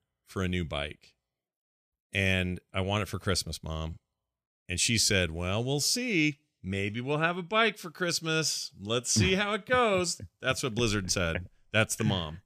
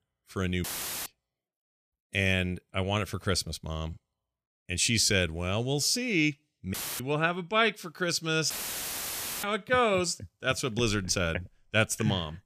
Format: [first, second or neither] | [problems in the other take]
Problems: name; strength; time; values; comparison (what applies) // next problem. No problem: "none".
first | audio cutting out; filled with static; at 0.5 s, at 6.5 s and at 8.5 s for 1 s